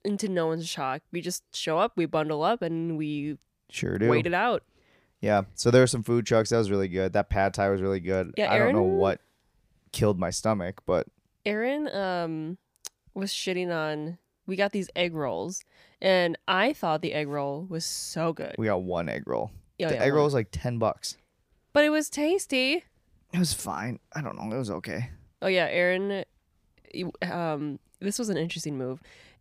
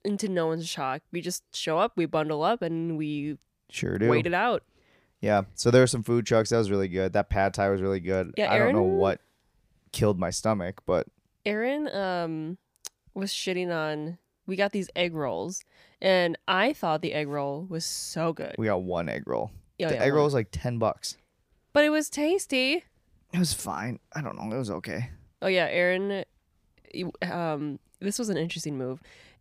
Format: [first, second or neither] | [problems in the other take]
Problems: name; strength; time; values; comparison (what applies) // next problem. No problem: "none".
neither | none